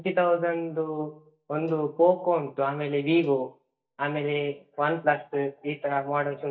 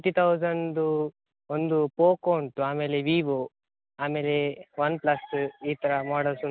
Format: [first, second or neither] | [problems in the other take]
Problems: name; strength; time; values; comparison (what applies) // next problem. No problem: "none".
second | noise reduction (neural mask model DeepFilterNet 3)